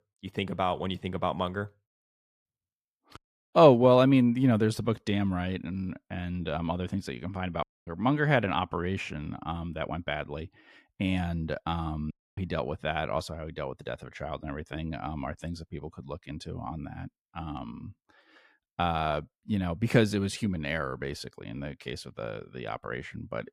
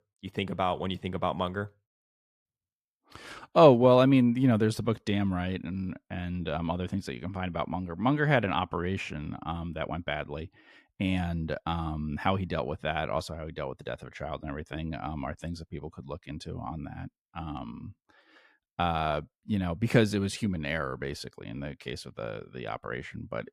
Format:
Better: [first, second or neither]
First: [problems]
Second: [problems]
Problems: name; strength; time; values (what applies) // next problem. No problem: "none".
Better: second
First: audio cutting out; at 3 s, at 7.5 s and at 12 s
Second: none